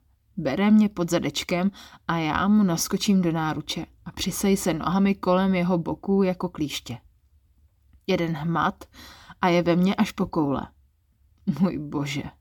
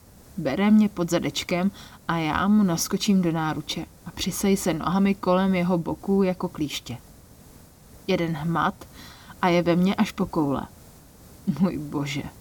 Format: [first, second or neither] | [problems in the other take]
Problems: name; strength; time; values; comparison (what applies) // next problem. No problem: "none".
first | hiss; faint; throughout; 25 dB below the speech